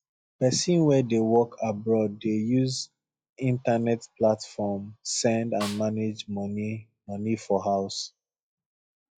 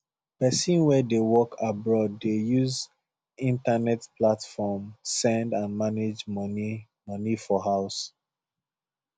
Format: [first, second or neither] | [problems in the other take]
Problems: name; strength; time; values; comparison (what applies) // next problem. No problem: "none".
second | noise reduction (classical method log-MMSE)